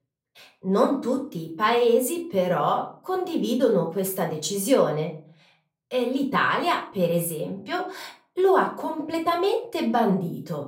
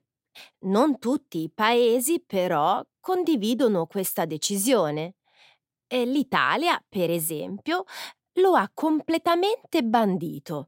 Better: second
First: off-mic speech; somewhat distant // room echo; slight; dies away in 0.4 s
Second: none

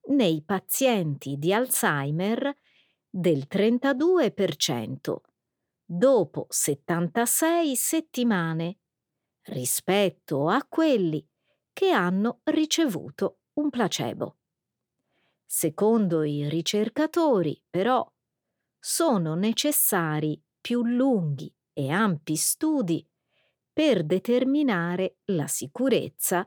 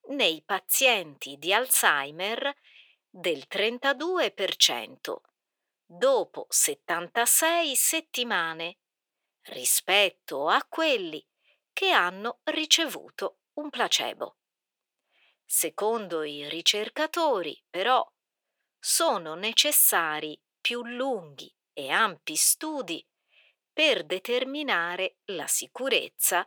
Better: first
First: none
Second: thin; very; fading below 650 Hz

